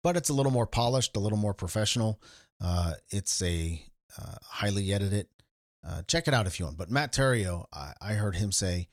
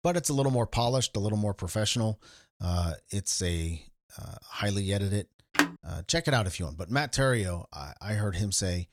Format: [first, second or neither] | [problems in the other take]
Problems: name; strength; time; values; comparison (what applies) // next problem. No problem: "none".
first | phone ringing; loud; at 5.5 s; peak 2 dB above the speech